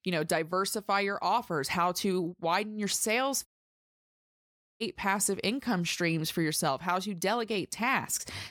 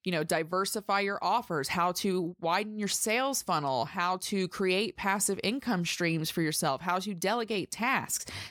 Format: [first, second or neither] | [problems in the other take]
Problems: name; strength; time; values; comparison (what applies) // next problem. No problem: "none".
second | audio cutting out; at 3.5 s for 1.5 s